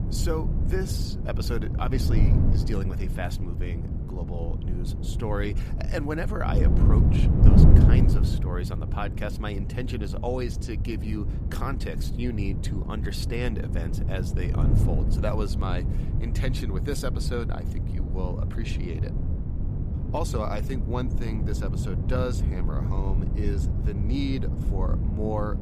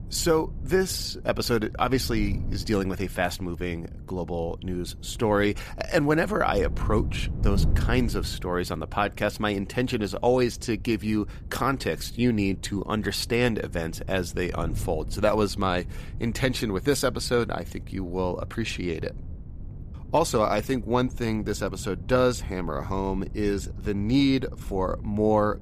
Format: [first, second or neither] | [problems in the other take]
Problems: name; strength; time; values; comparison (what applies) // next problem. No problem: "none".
second | wind noise on the microphone; heavy; 3 dB below the speech; occasional gusts in the second